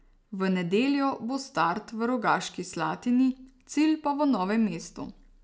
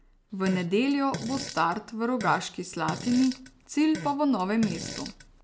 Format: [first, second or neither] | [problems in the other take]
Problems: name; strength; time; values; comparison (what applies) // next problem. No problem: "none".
first | background sound (Fart); 13 dB below the speech